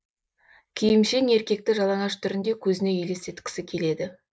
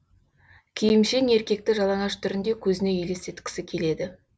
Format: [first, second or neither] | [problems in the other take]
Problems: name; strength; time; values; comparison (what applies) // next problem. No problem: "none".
second | noise reduction (neural mask model Resemble Enhance denoiser)